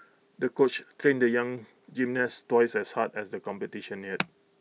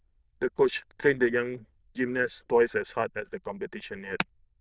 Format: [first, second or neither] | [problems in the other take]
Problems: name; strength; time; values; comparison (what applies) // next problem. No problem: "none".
first | noise reduction (neural diffusion model UNIVERSE++)